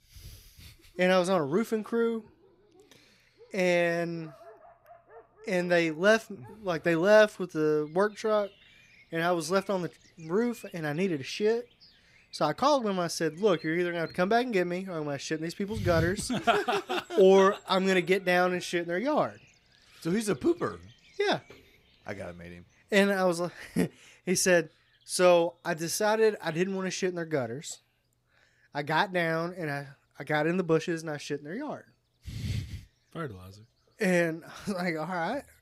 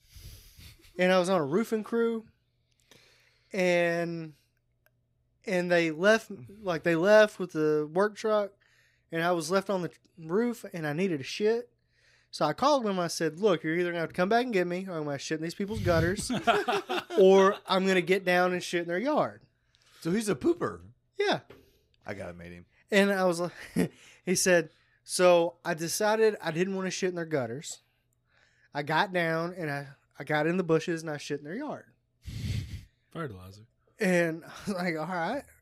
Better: second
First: animal sounds; faint; throughout; 30 dB below the speech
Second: none

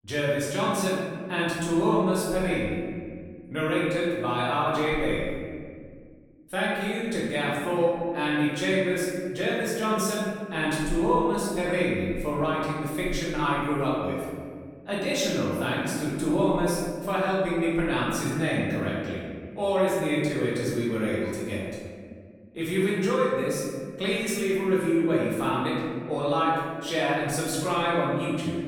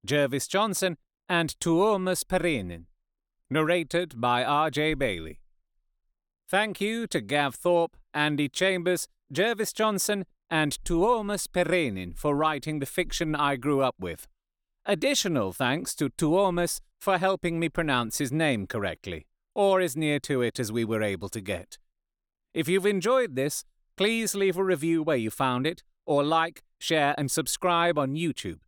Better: second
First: room echo; strong; dies away in 1.8 s // off-mic speech; far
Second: none

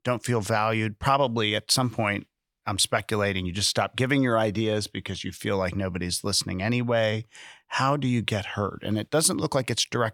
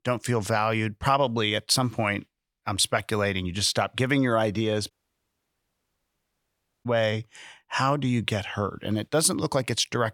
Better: first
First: none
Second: audio cutting out; at 5 s for 2 s

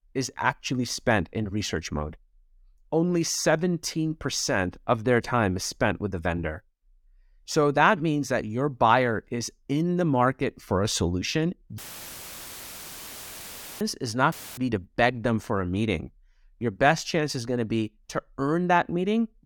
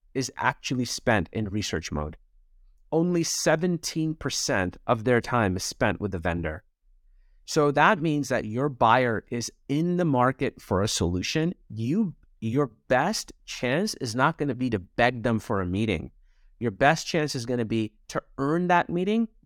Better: second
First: audio cutting out; filled with static; at 12 s for 2 s and at 14 s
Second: none

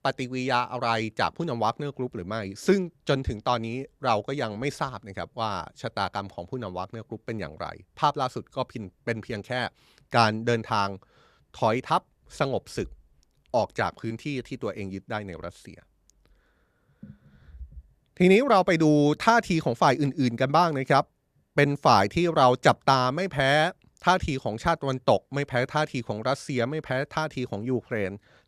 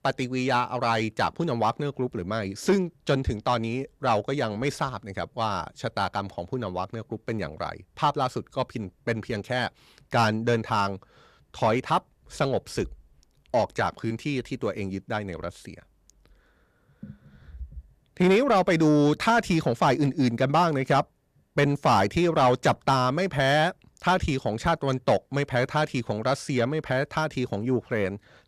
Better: first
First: none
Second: distortion; slight; 10 dB below the speech

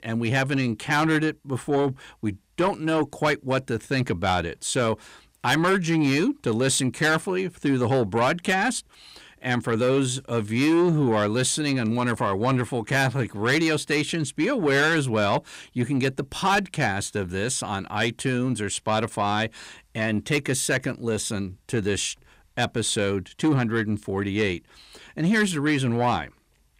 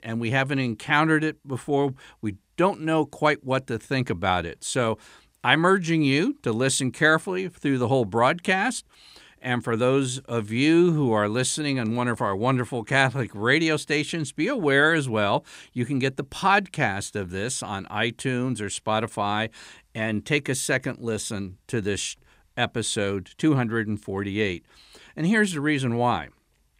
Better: second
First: distortion; slight; 10 dB below the speech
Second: none

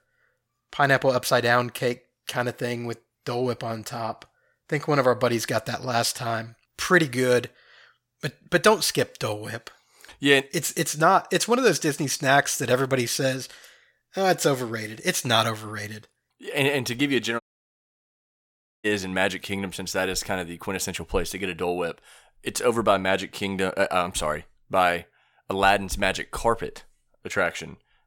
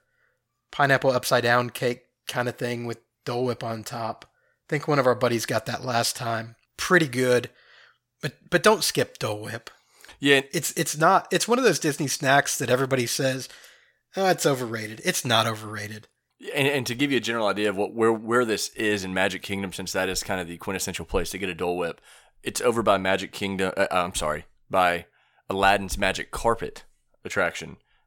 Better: second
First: audio cutting out; at 17 s for 1.5 s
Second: none

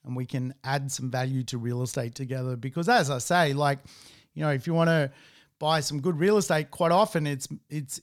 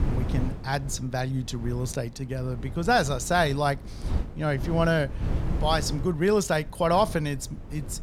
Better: first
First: none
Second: wind noise on the microphone; occasional gusts; 15 dB below the speech

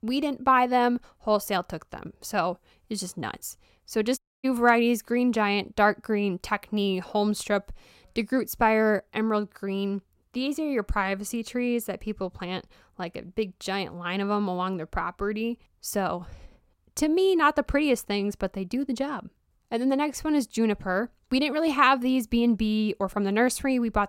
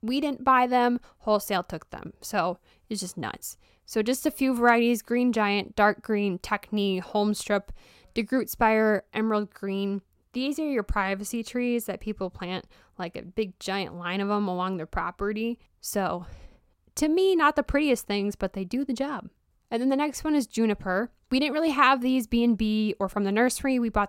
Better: second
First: audio cutting out; at 4 s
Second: none

